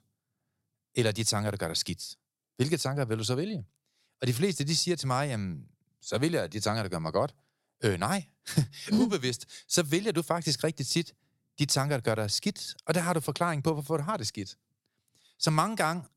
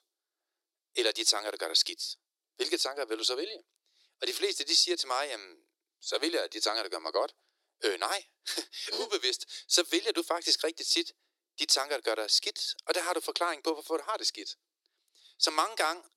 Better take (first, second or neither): first